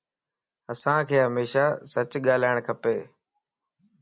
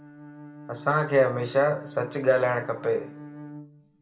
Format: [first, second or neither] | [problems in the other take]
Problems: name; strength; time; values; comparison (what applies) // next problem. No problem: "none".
first | background sound (Bowed string instrument); 17 dB below the speech // room echo; dies away in 0.5 s